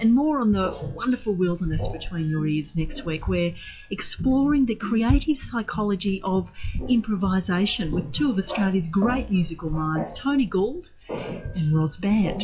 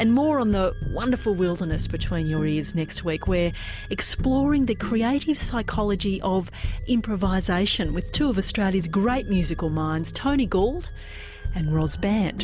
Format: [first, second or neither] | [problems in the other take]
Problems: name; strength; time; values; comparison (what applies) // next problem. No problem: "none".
second | noise reduction (classical method WPE with log-MMSE)